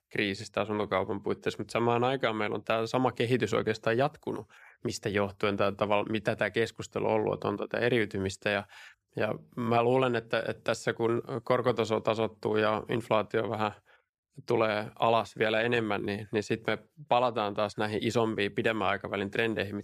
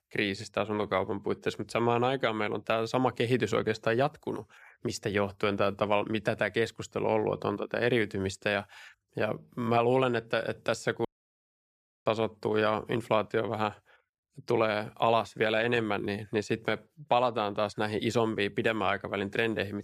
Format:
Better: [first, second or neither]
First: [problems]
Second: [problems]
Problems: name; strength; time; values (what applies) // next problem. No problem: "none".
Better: first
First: none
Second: audio cutting out; at 11 s for 1 s